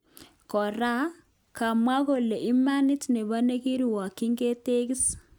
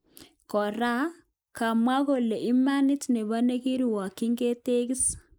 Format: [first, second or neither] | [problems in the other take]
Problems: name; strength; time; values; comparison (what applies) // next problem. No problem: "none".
first | noise reduction (neural mask model Resemble Enhance denoiser)